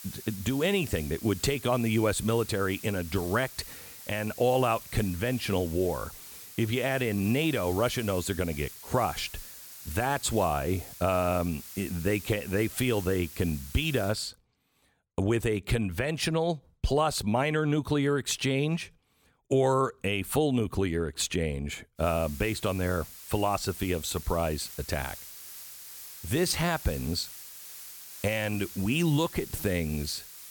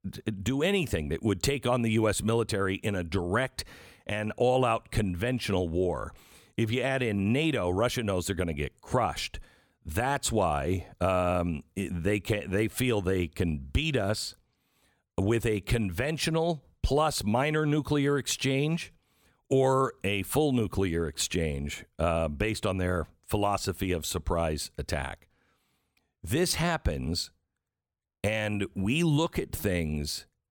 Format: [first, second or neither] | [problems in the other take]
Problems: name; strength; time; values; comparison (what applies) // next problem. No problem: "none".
second | hiss; noticeable; until 14 s and from 22 s on; 15 dB below the speech